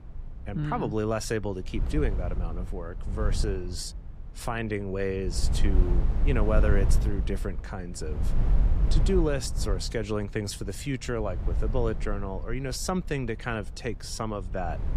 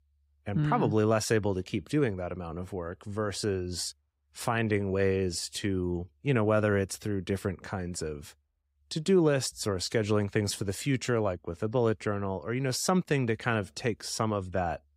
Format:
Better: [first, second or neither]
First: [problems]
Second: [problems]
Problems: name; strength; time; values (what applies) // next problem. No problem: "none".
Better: second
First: wind noise on the microphone; occasional gusts; 10 dB below the speech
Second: none